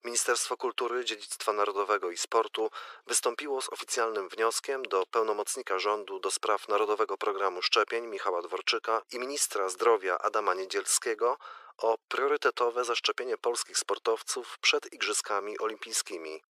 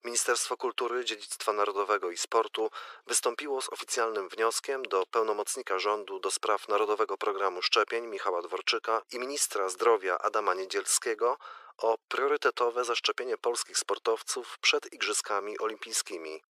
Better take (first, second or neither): neither